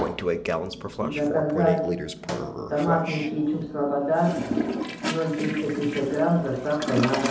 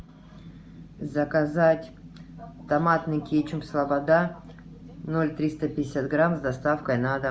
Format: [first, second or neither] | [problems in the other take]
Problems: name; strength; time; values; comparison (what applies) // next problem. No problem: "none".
second | background sound (Toilet flush); 4 dB below the speech // room echo; dies away in 1.9 s